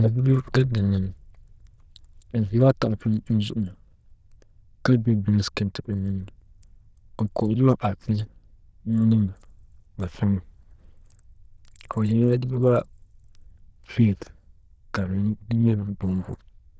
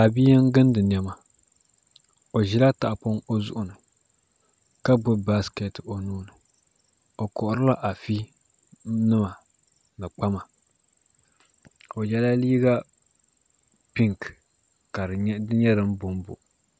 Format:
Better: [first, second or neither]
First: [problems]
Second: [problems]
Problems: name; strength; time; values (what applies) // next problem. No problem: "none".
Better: second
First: noise reduction (neural diffusion model UNIVERSE++)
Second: none